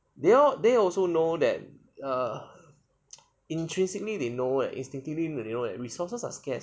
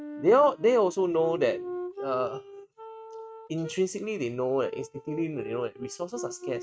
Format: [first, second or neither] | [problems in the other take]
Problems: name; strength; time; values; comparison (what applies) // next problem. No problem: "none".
first | noise reduction (neural mask model RNNoise)